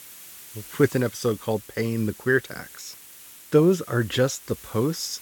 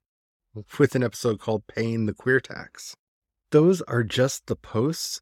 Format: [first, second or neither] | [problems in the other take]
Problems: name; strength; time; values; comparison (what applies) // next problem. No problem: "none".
second | hiss; noticeable; throughout; 20 dB below the speech